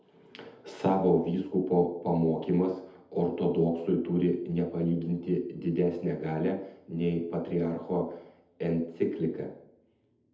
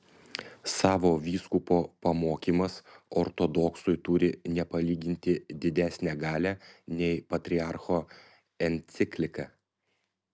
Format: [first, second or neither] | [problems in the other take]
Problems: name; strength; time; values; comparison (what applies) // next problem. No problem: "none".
second | room echo; dies away in 0.7 s